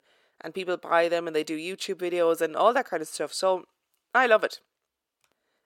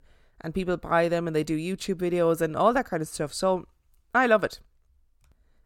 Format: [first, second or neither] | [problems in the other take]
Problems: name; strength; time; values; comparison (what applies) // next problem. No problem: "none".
second | thin; somewhat; fading below 450 Hz